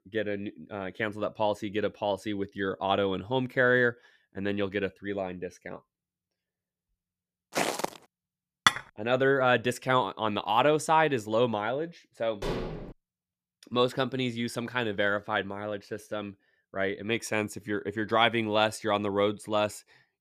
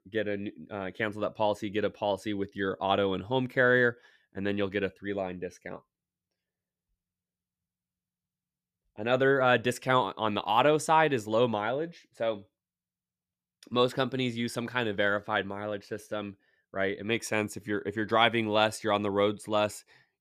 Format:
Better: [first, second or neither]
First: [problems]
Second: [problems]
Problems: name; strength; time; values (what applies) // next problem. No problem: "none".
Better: second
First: footsteps; noticeable; at 7.5 s; peak 1 dB below the speech // clattering dishes; loud; at 8.5 s; peak 4 dB above the speech // clattering dishes; noticeable; at 12 s; peak 5 dB below the speech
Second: none